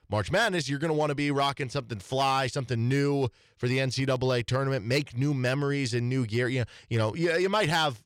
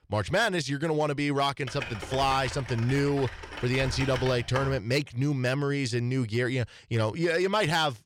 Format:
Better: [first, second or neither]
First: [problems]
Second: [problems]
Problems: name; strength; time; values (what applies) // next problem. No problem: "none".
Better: first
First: none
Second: keyboard typing; noticeable; from 1.5 to 5 s; peak 7 dB below the speech